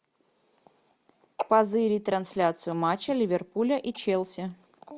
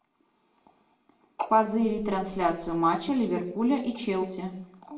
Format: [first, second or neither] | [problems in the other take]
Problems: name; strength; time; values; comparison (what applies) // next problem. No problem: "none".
first | background sound (Meow); 19 dB below the speech // room echo; dies away in 0.6 s